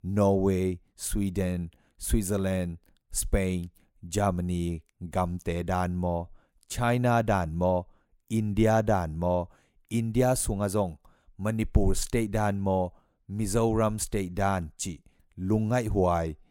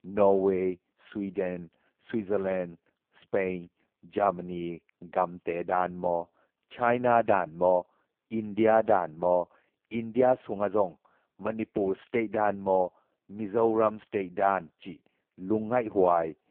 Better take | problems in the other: first | phone-call audio; poor line

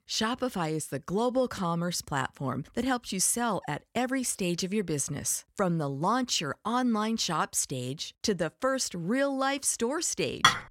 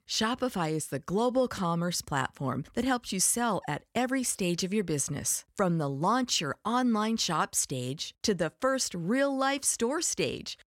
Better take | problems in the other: second | clattering dishes; very faint; at 10 s; peak 5 dB above the speech

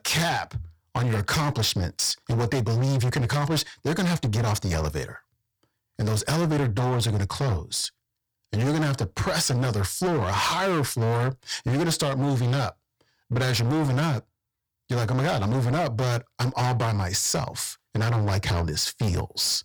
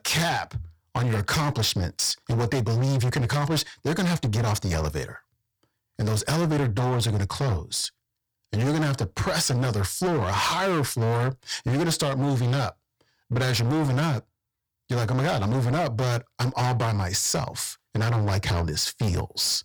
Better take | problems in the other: neither | distortion; heavy; 25% of the sound clipped; the same in both

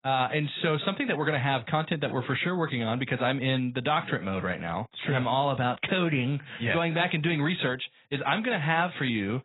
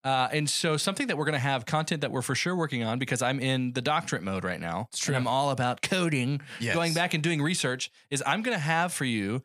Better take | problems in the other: second | garbled, watery; badly; nothing above 4 kHz

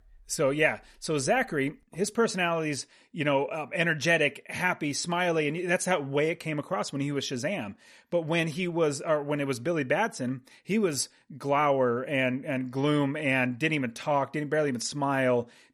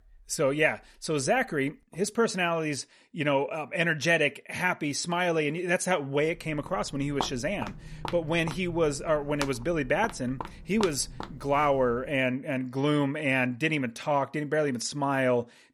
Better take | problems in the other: first | footsteps; noticeable; from 6.5 to 12 s; peak 9 dB below the speech

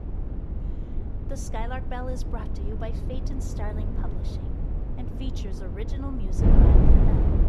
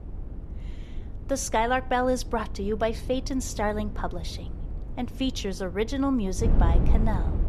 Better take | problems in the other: second | wind noise on the microphone; heavy; 2 dB above the speech; occasional gusts in the second

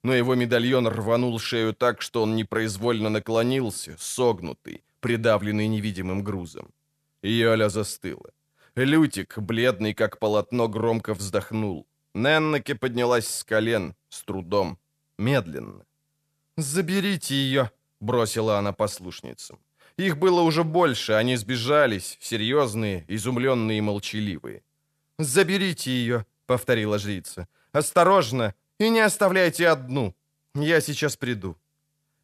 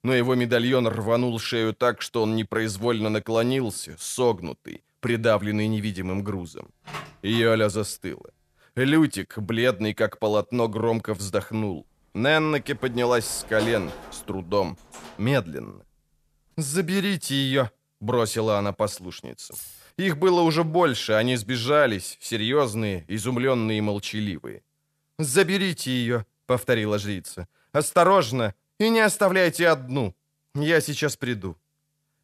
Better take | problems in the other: first | door banging; faint; at 7 s; peak 15 dB below the speech // door banging; noticeable; from 13 to 15 s; peak 9 dB below the speech // jangling keys; faint; at 20 s; peak 15 dB below the speech

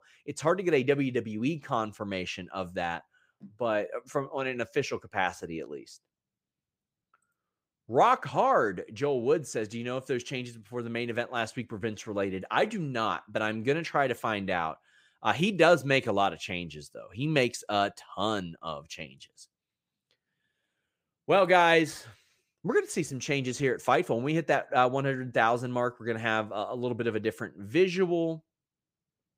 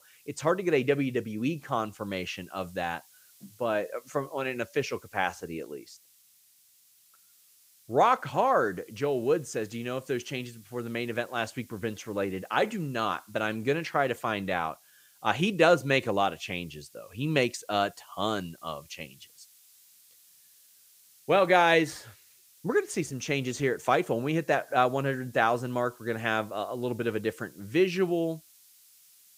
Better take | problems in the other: first | hiss; faint; throughout; 25 dB below the speech

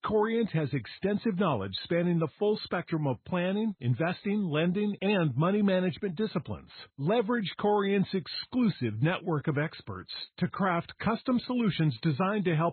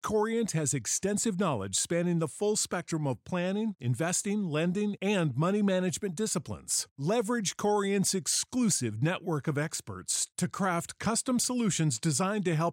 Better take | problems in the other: second | garbled, watery; badly; nothing above 4 kHz

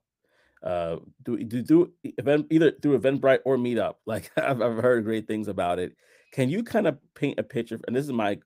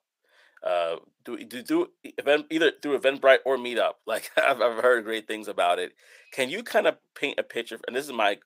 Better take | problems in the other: first | thin; somewhat; fading below 650 Hz

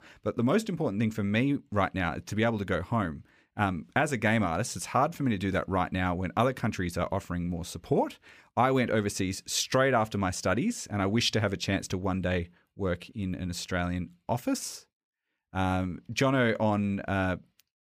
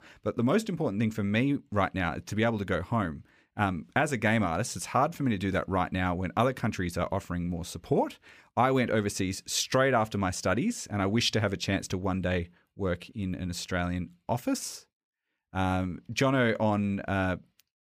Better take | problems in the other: neither | none

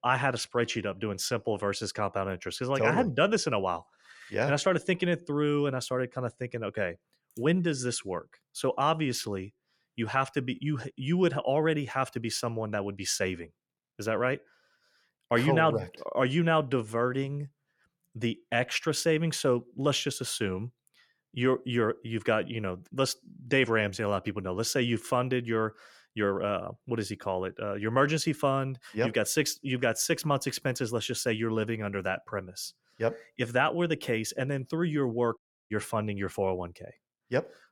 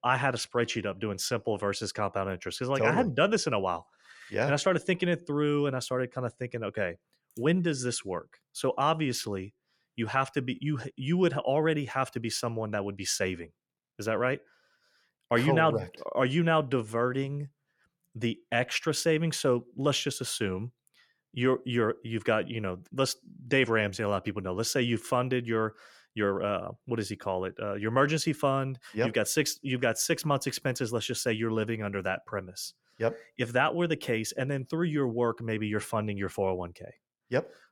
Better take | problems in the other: second | audio cutting out; at 35 s

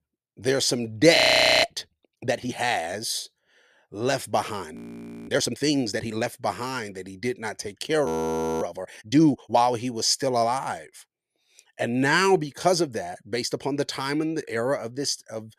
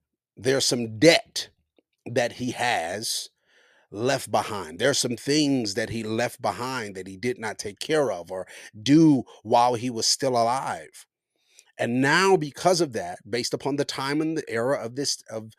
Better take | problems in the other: second | audio freezing; at 1 s, at 5 s for 0.5 s and at 8 s for 0.5 s

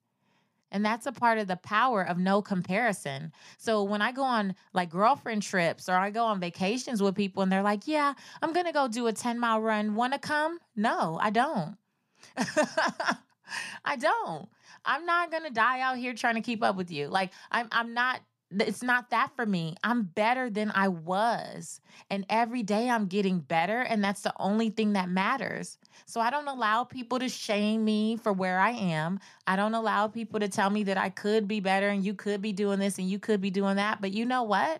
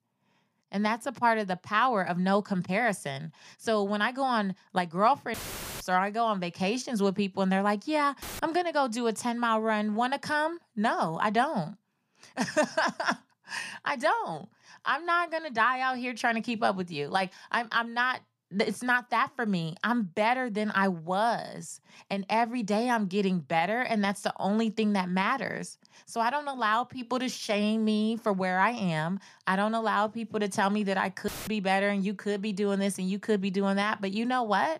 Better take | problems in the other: first | audio cutting out; filled with static; at 5.5 s, at 8 s and at 31 s

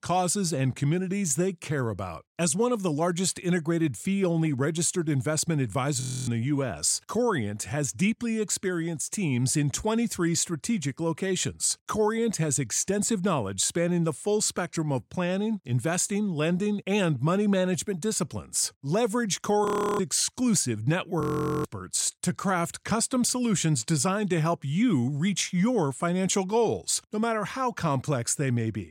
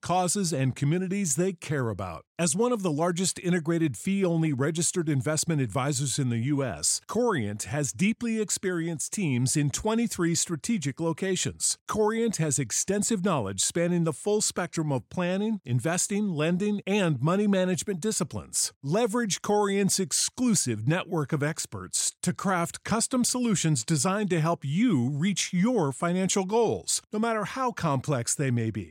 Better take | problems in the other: second | audio freezing; at 6 s, at 20 s and at 21 s

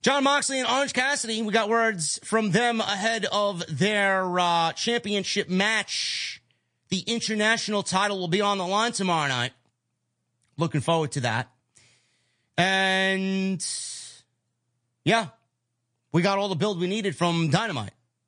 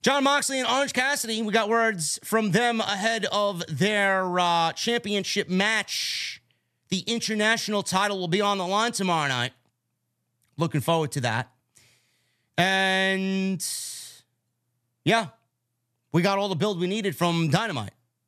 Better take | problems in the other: second | garbled, watery; slightly; nothing above 9.5 kHz

